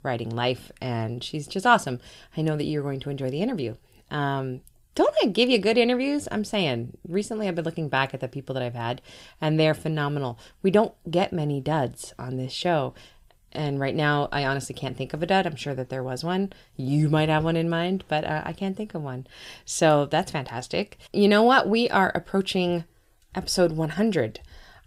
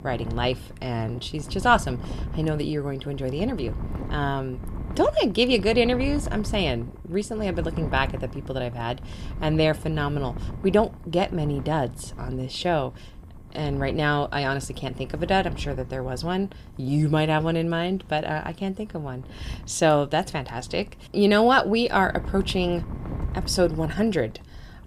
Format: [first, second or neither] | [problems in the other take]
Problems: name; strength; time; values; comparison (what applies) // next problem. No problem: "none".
first | wind noise on the microphone; occasional gusts; 20 dB below the speech